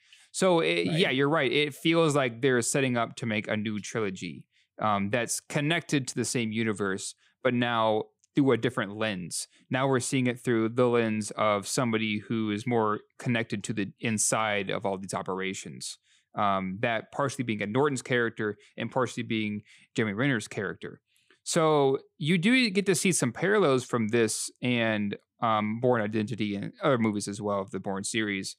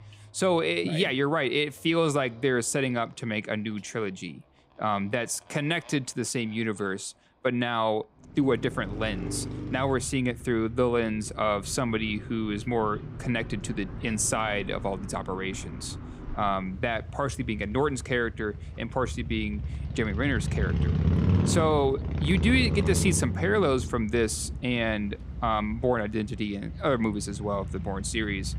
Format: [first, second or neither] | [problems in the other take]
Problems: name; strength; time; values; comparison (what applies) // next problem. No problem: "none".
first | traffic noise; loud; throughout; 6 dB below the speech